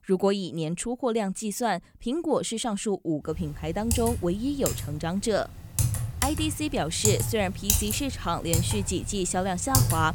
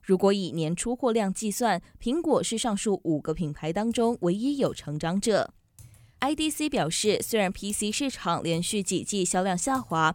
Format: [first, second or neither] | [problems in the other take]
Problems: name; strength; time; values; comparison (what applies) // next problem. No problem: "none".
second | household noises; loud; from 3.5 s on; 1 dB below the speech; faint in the second